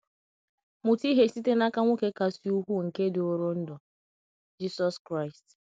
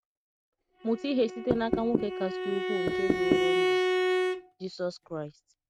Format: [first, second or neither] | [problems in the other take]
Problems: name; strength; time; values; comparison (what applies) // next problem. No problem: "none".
first | noise reduction (neural mask model RNNoise)